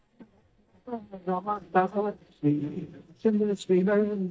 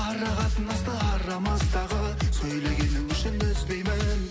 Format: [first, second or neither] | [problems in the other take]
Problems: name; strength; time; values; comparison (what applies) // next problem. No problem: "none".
second | noise reduction (neural mask model DeepFilterNet 3)